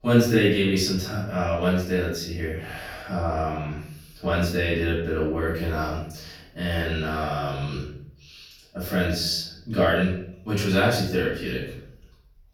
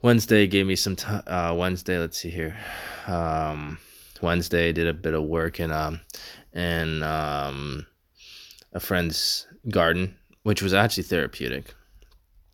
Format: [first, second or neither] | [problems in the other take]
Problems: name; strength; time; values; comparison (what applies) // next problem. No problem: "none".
second | off-mic speech; far // room echo; noticeable; dies away in 0.6 s